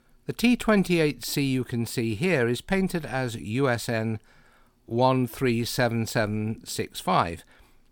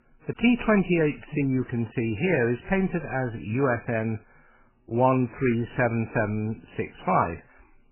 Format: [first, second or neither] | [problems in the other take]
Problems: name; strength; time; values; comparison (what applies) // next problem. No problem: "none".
first | garbled, watery; badly; nothing above 3 kHz